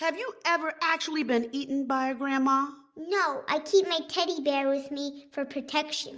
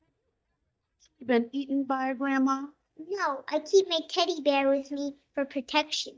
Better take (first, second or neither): first